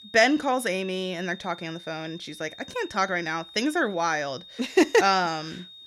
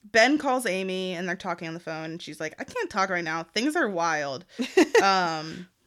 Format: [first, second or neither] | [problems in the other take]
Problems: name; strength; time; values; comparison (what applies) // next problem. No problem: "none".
second | high-pitched whine; noticeable; throughout; 3.5 kHz, 20 dB below the speech